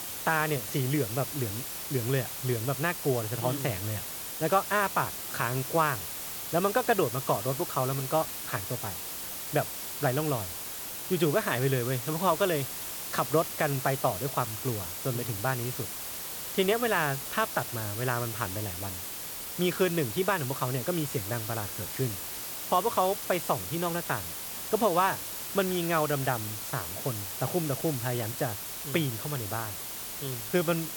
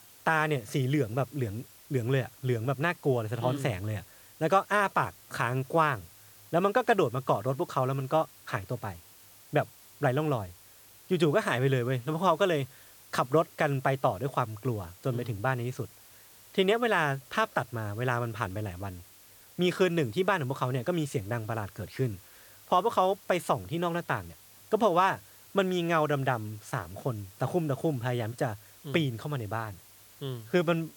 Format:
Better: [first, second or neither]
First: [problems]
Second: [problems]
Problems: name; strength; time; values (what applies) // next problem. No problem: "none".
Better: second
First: hiss; loud; throughout; 4 dB below the speech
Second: hiss; faint; throughout; 20 dB below the speech